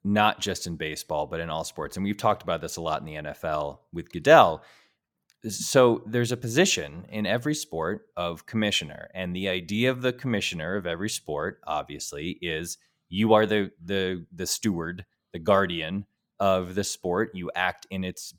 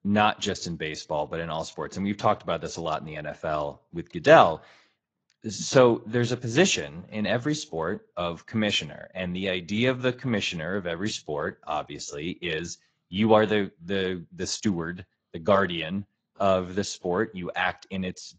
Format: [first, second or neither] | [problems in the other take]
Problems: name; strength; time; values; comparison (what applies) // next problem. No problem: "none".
first | garbled, watery; slightly; nothing above 7.5 kHz